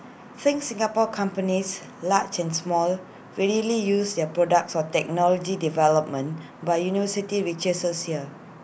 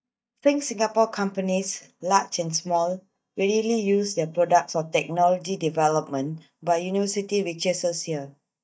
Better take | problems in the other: first | noise reduction (neural mask model DeepFilterNet 3)

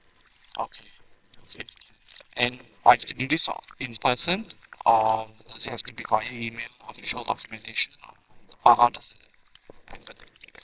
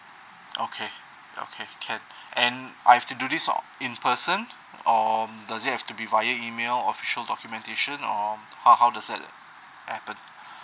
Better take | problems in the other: second | noise reduction (neural separator model SepFormer WHAMR!)

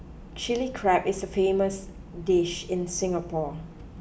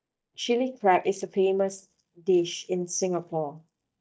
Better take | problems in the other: first | noise reduction (neural mask model DeepFilterNet 3)

